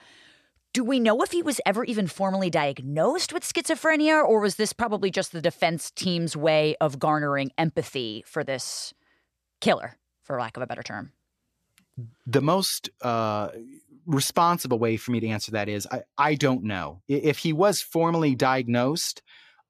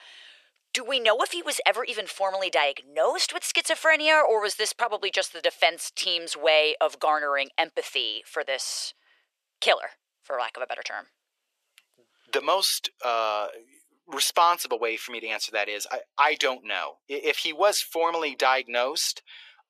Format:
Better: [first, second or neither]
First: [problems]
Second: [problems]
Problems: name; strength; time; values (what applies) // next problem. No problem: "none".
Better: first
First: none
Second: thin; very; fading below 450 Hz